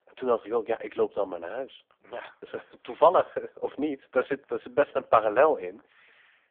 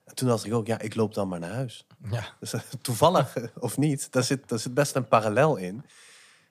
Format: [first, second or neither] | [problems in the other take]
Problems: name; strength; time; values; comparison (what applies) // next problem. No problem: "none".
second | phone-call audio; poor line